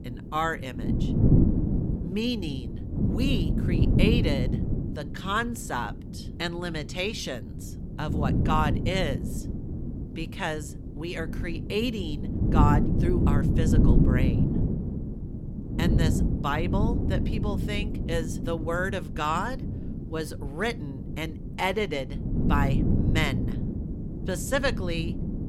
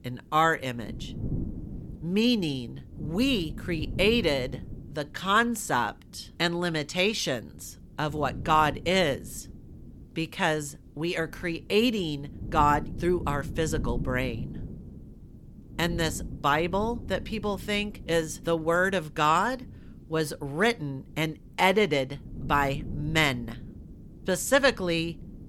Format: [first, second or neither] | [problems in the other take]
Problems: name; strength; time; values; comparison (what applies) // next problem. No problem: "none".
second | wind noise on the microphone; heavy; 5 dB below the speech; occasional gusts in the second